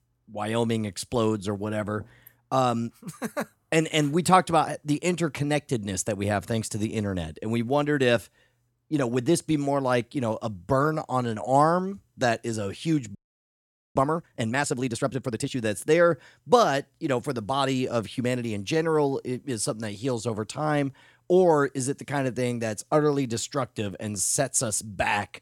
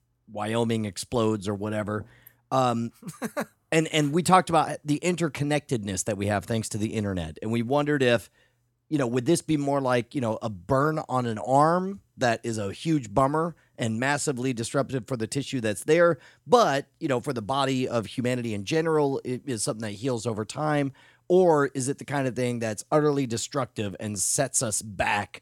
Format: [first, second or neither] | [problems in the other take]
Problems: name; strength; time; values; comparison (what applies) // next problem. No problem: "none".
second | audio freezing; at 13 s for 1 s